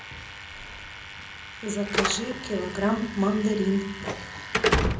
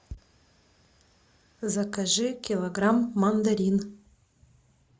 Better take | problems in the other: second | background sound (Slam / Alarm); 1 dB below the speech // room echo; dies away in 0.4 s

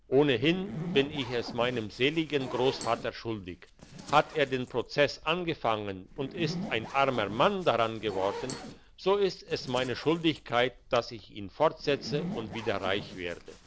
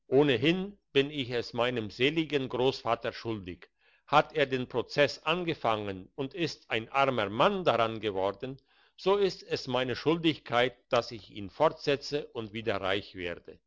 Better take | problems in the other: second | background sound (Zipper (clothing)); 13 dB below the speech

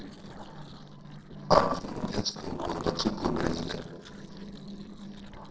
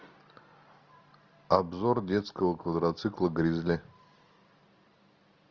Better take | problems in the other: second | noise reduction (neural separator model SepFormer DNS4)

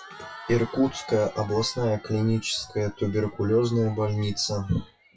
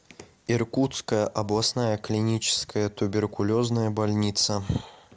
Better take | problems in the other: second | noise reduction (classical method WPE with log-MMSE)

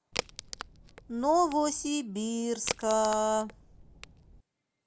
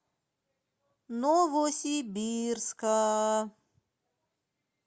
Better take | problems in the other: second | background sound (Crack); 11 dB below the speech

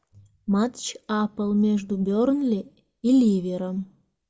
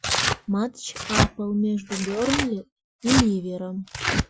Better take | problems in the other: first | noise reduction (classical method Wiener filter)

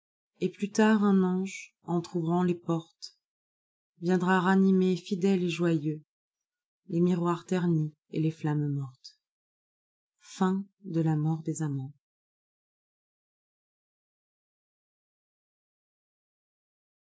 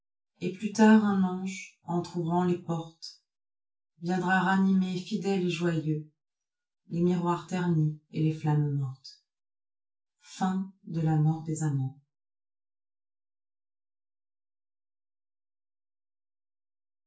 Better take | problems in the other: first | room echo; dies away in 0.3 s

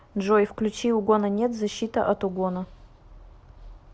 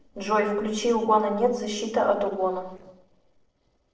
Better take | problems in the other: first | noise reduction (neural separator model SepFormer DNS4)

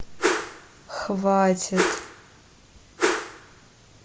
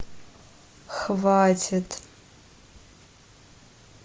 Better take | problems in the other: second | background sound (Whoosh, swoosh, swish); as loud as the speech

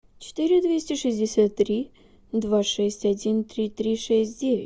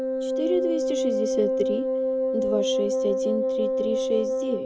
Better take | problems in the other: first | background sound (Wind instrument, woodwind instrument); 4 dB above the speech

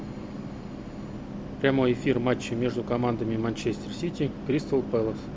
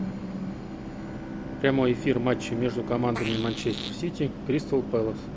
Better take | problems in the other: first | background sound (Bowed string instrument + Fart); 12 dB below the speech

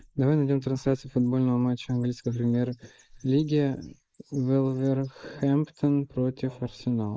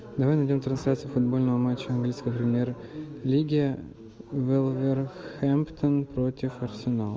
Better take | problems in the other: second | noise reduction (neural mask model Resemble Enhance denoiser)

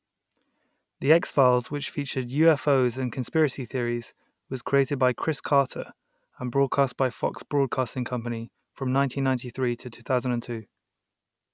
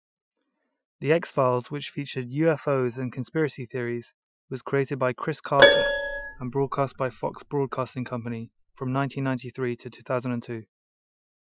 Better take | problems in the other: first | noise reduction (classical method Wiener filter)

